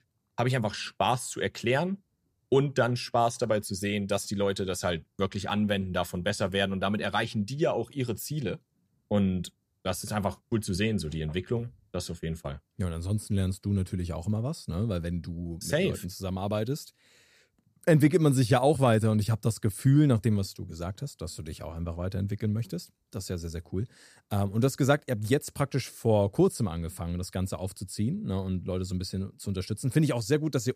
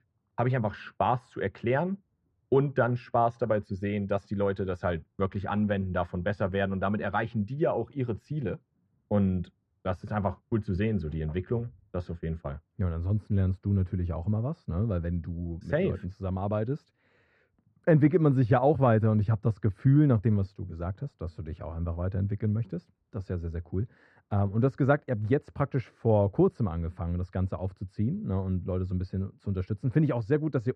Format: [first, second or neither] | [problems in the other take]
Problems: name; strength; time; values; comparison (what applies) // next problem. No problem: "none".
first | muffled; very; fading above 1.5 kHz